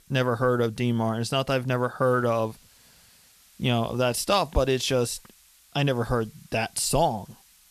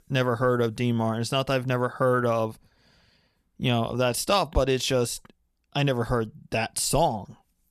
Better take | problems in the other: second | hiss; faint; throughout; 30 dB below the speech

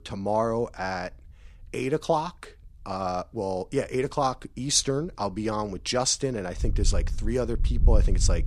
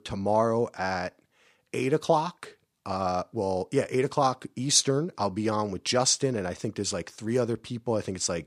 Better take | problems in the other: second | wind noise on the microphone; occasional gusts; 20 dB below the speech

